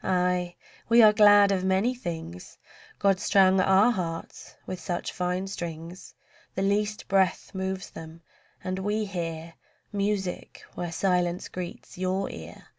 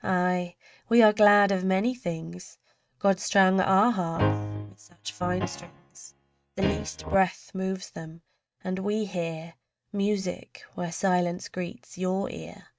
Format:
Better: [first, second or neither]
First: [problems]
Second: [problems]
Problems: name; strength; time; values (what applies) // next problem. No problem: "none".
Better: first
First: none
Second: noise reduction (neural mask model RNNoise)